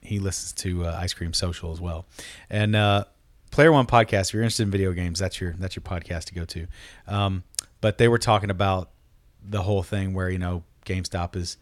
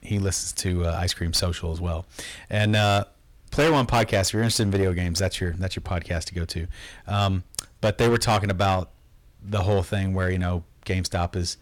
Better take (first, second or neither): first